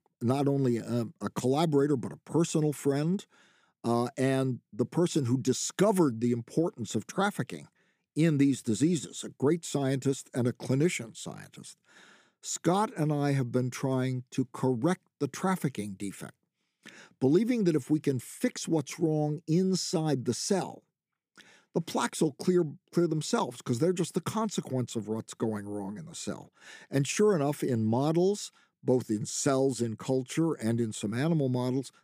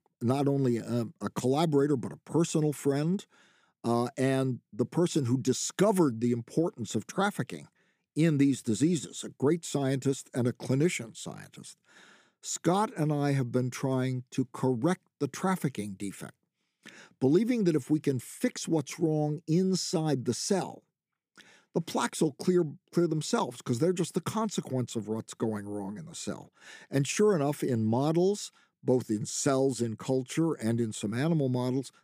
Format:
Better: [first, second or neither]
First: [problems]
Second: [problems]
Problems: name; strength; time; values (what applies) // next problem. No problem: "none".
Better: neither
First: none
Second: none